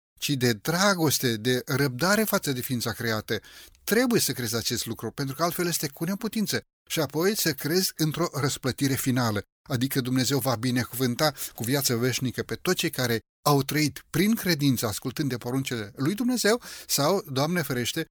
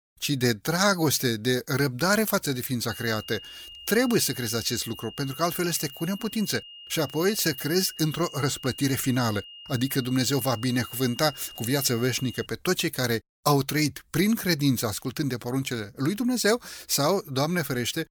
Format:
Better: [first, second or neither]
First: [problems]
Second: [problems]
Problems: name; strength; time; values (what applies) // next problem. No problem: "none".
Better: first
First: none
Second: high-pitched whine; noticeable; from 3 to 12 s; 3 kHz, 15 dB below the speech